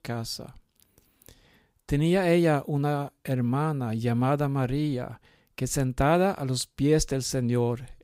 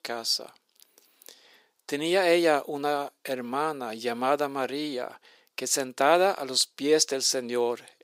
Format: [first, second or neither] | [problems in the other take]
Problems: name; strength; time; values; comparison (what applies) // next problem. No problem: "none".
first | thin; somewhat; fading below 400 Hz